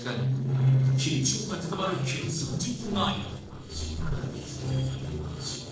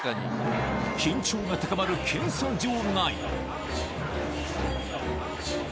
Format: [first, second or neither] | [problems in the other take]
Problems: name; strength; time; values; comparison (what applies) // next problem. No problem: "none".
second | noise reduction (neural separator model SepFormer DNS4)